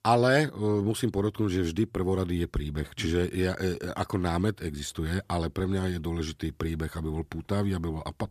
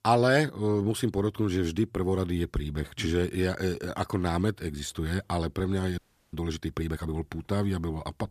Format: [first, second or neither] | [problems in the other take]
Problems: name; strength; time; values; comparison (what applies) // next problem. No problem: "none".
first | audio freezing; at 6 s